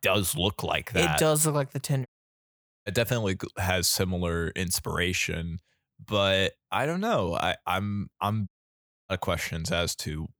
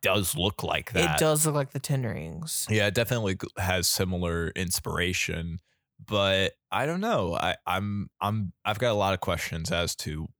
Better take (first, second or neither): second